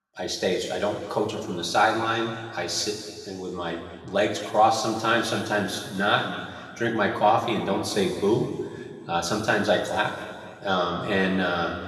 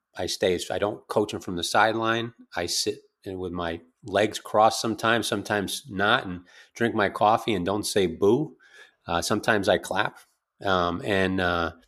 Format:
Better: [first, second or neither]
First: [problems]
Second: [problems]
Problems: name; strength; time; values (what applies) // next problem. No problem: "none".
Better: second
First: room echo; noticeable; dies away in 2.1 s // off-mic speech; far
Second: none